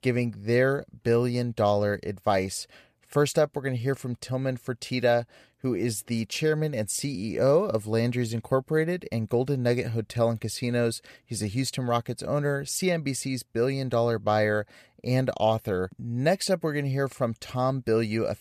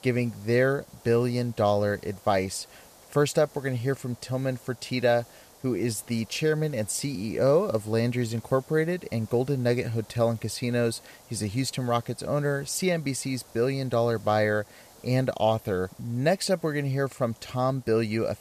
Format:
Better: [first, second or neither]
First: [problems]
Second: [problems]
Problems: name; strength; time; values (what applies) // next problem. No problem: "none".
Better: first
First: none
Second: hiss; faint; throughout; 25 dB below the speech